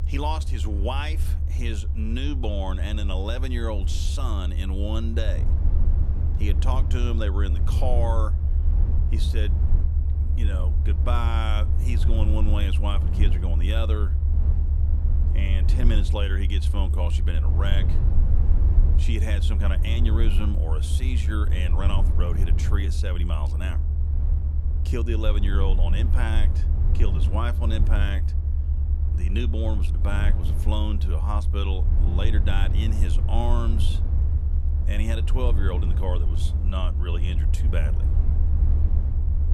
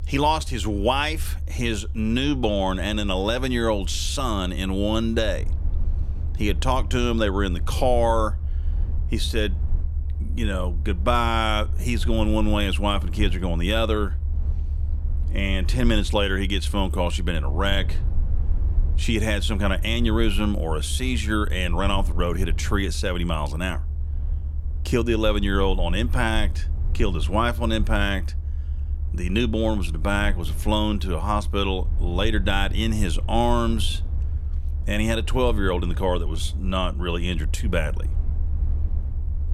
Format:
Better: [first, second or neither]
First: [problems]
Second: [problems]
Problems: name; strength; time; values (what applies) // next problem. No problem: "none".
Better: second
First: low rumble; loud; throughout; 7 dB below the speech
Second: low rumble; faint; throughout; 20 dB below the speech